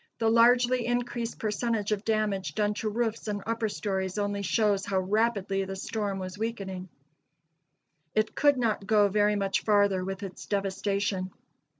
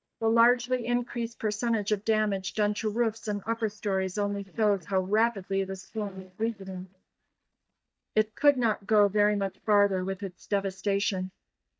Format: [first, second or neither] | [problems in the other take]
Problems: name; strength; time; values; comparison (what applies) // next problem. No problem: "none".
first | noise reduction (neural mask model DeepFilterNet 3)